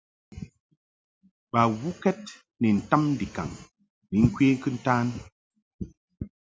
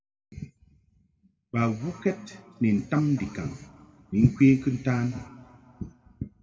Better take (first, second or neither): first